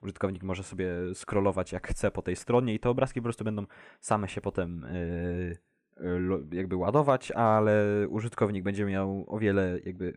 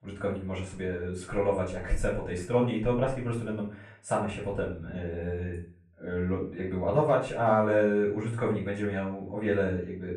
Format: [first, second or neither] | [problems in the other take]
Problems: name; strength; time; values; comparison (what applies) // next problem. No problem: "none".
first | off-mic speech; far // room echo; slight; dies away in 0.4 s